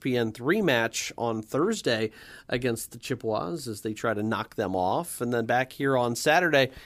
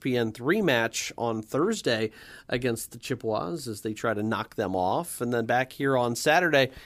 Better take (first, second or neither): neither